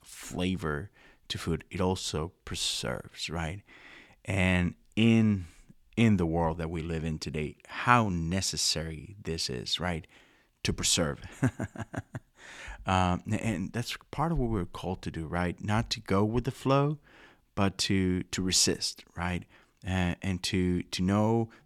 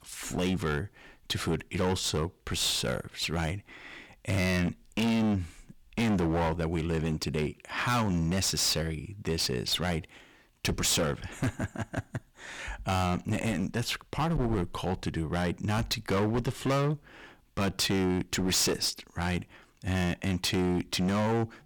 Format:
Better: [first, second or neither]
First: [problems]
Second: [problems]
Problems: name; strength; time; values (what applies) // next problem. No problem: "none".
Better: first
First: none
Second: distortion; heavy; 17% of the sound clipped